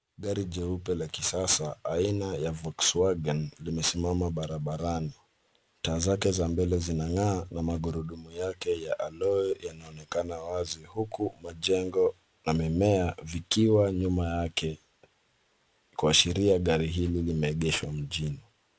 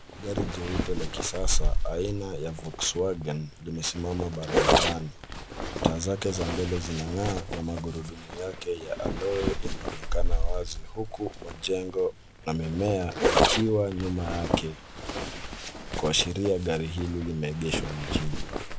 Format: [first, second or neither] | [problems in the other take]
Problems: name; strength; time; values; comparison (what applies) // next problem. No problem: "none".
first | background sound (Zipper (clothing)); 2 dB above the speech